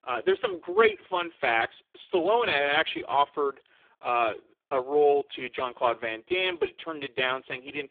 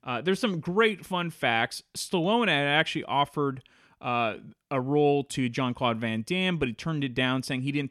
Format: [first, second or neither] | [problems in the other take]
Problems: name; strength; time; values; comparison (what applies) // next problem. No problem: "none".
second | phone-call audio; poor line; nothing above 3.5 kHz